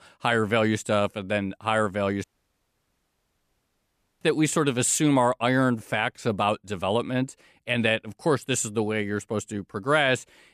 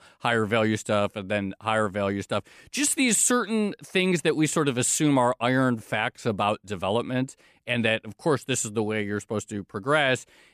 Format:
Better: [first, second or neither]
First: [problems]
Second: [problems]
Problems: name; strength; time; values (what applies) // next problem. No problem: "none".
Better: second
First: audio cutting out; at 2 s for 2 s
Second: none